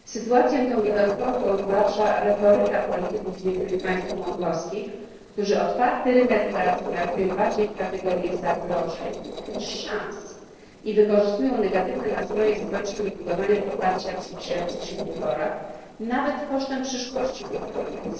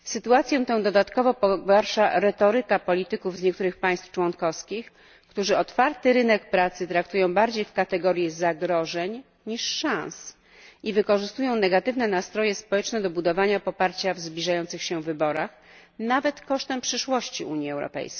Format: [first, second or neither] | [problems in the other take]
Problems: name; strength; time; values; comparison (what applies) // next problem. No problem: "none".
second | noise reduction (neural separator model SepFormer DNS4)